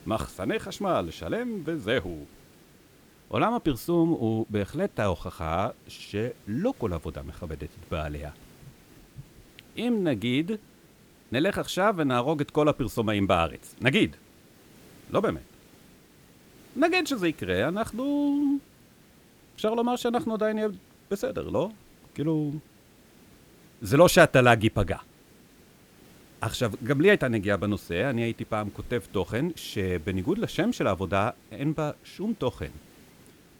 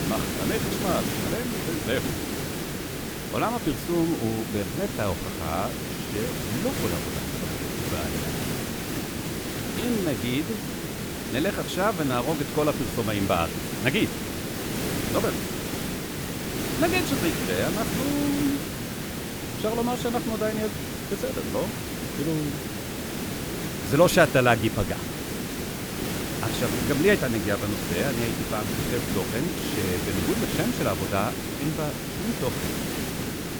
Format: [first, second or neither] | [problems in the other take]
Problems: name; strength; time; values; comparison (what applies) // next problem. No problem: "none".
first | hiss; loud; throughout; 2 dB below the speech; faint in the first